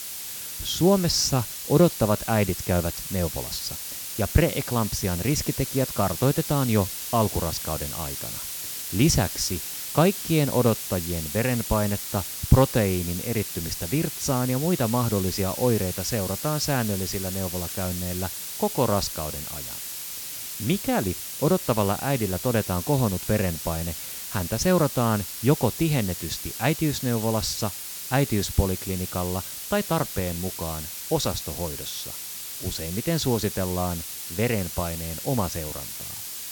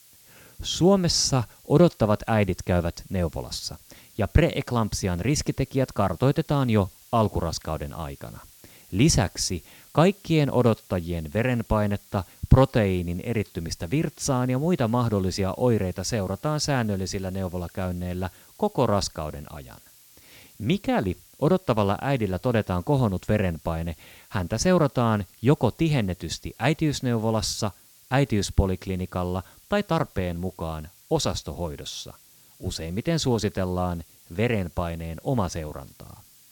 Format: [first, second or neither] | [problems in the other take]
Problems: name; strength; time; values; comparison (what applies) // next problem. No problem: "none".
second | hiss; loud; throughout; 6 dB below the speech; faint in the second